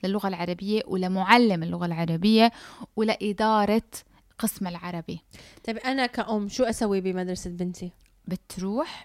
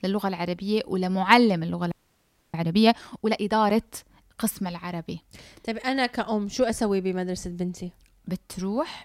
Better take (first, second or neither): first